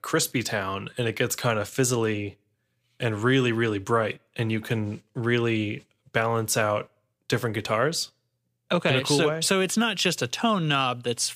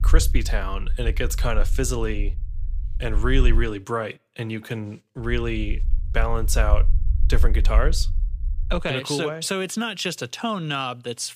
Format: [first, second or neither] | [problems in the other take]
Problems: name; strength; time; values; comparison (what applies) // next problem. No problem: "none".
first | low rumble; noticeable; until 3.5 s and from 5.5 to 9 s; 20 dB below the speech